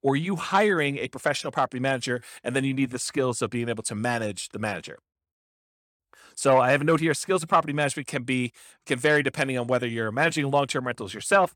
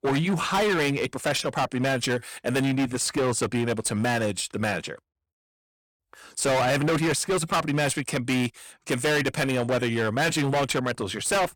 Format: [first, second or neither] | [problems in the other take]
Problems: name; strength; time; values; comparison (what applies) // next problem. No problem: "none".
first | distortion; heavy; 19% of the sound clipped